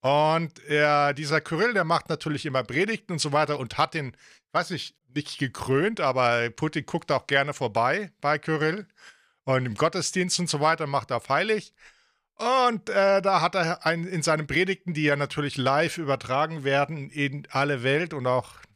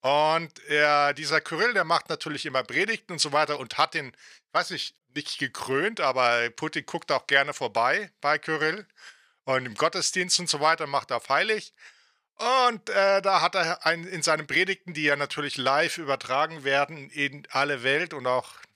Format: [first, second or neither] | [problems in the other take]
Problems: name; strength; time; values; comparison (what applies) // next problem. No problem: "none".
first | thin; somewhat; fading below 550 Hz